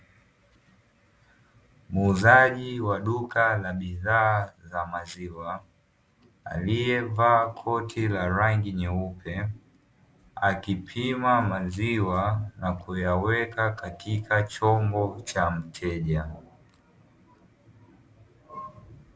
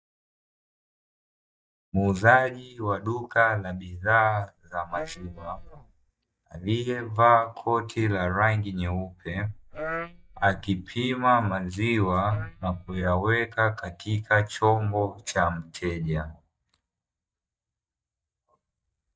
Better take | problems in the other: first | noise reduction (neural mask model DeepFilterNet 3)

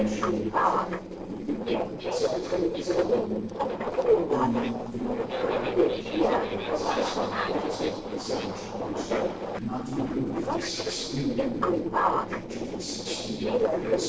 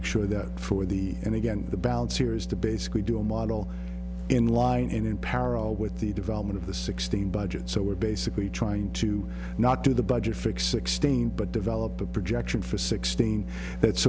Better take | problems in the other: second | noise reduction (neural separator model SepFormer DNS4)

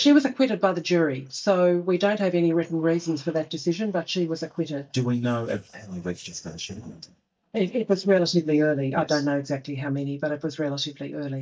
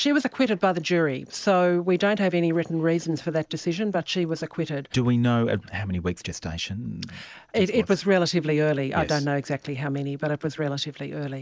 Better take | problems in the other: second | noise reduction (neural mask model DeepFilterNet 3)

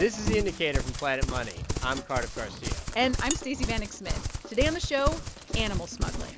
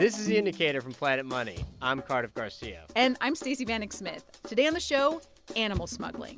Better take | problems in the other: second | background sound (Livestock, farm animals, working animals); 2 dB below the speech

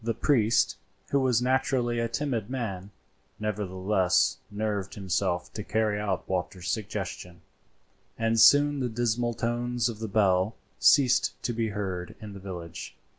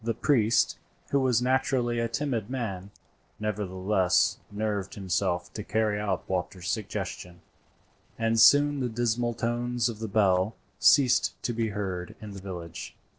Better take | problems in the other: first | noise reduction (neural separator model SepFormer DNS4)

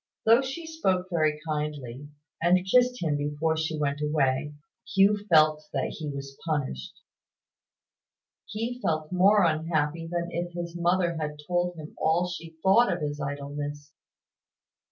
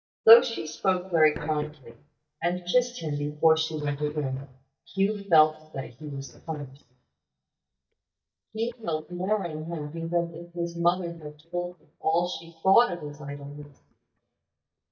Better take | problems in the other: first | noise reduction (neural mask model DeepFilterNet 3)

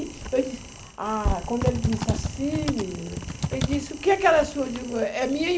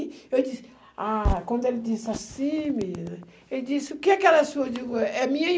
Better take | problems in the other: second | background sound (Typing); 6 dB below the speech

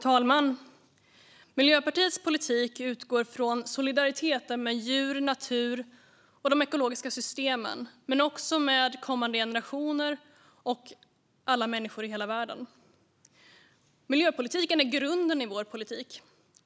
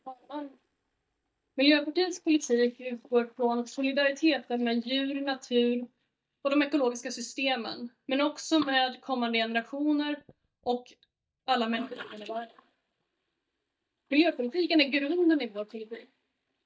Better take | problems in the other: first | noise reduction (neural mask model DeepFilterNet 3)

